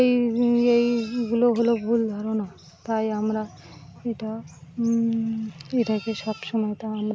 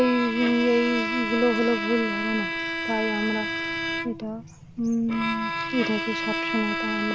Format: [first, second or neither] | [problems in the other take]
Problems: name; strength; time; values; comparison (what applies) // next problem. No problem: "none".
first | background sound (Bowed string instrument); 3 dB below the speech